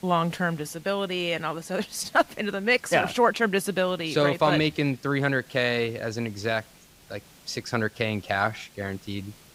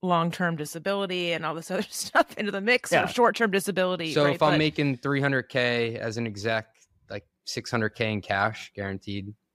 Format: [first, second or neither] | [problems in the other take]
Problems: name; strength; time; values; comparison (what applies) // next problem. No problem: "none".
second | hiss; faint; throughout; 25 dB below the speech